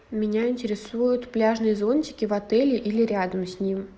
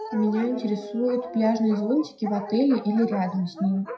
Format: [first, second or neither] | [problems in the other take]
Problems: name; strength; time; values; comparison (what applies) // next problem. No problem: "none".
first | noise reduction (classical method WPE with log-MMSE)